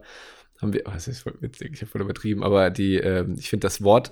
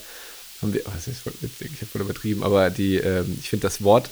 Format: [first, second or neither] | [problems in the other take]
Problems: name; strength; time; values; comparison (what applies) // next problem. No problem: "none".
first | hiss; noticeable; throughout; 15 dB below the speech